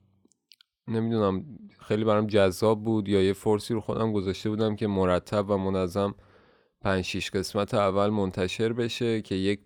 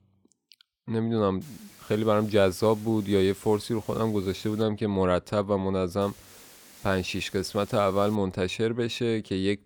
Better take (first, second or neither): first